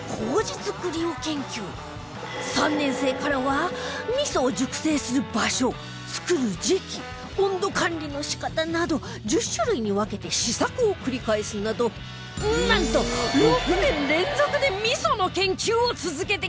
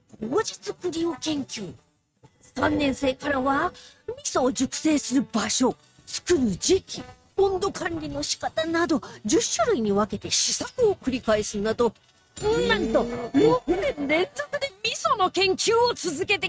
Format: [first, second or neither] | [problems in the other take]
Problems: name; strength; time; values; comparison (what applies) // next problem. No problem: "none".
first | noise reduction (neural mask model RNNoise)